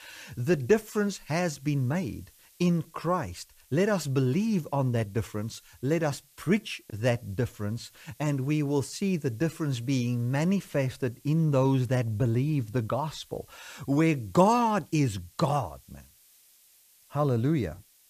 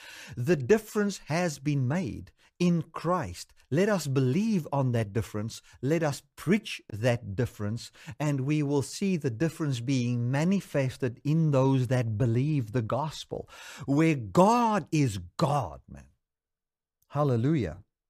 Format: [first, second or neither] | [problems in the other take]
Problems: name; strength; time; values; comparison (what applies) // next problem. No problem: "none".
second | hiss; faint; throughout; 30 dB below the speech